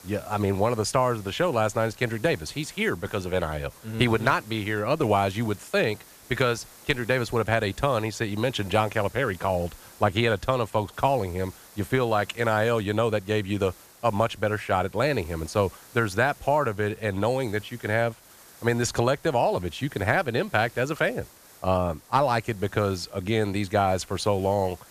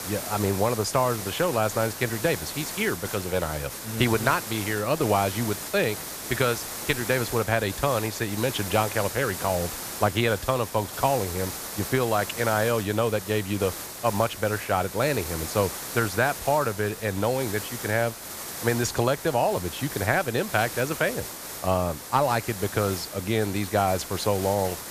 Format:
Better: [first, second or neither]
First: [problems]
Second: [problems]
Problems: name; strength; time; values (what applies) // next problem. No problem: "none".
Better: first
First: hiss; faint; throughout; 25 dB below the speech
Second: hiss; loud; throughout; 8 dB below the speech